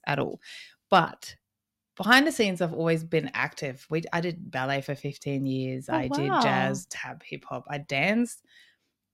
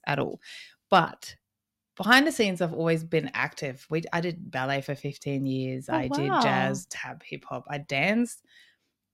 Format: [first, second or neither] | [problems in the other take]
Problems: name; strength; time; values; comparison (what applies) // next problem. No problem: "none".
neither | none